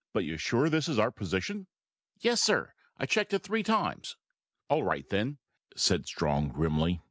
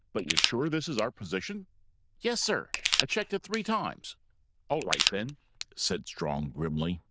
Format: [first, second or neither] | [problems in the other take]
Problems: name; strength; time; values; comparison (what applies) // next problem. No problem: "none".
first | noise reduction (neural diffusion model UNIVERSE++)